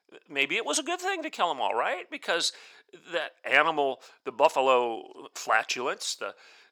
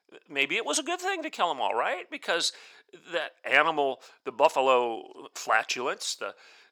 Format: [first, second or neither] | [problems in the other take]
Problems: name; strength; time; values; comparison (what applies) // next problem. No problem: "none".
neither | thin; somewhat; fading below 450 Hz; the same in both